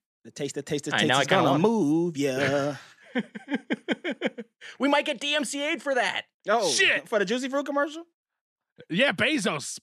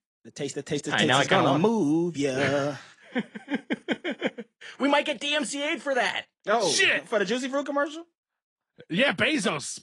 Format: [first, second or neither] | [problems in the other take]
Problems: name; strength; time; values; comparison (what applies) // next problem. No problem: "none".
first | garbled, watery; slightly; nothing above 10 kHz